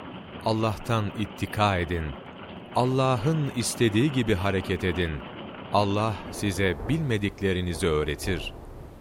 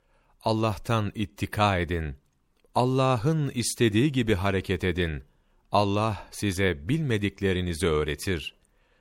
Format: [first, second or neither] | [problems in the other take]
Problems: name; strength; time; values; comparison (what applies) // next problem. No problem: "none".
second | rain or running water; noticeable; throughout; 15 dB below the speech